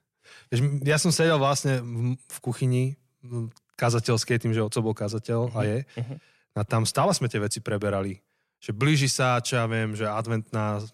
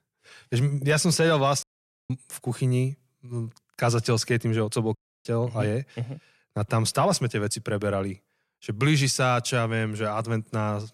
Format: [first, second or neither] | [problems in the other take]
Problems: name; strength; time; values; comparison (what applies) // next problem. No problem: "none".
first | audio cutting out; at 1.5 s and at 5 s